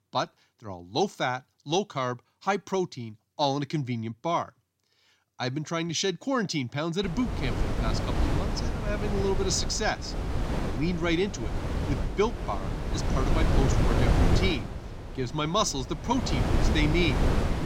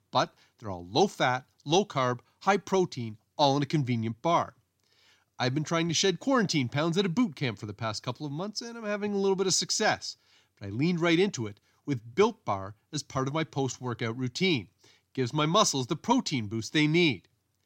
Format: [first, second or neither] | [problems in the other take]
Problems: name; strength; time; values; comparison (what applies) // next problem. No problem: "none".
second | wind noise on the microphone; heavy; from 7 s on; 4 dB below the speech